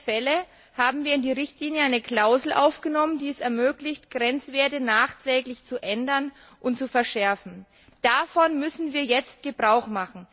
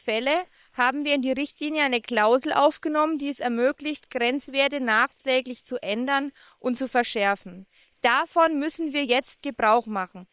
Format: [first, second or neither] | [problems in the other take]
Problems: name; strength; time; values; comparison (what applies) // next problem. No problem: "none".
first | noise reduction (neural separator model SepFormer WHAM!)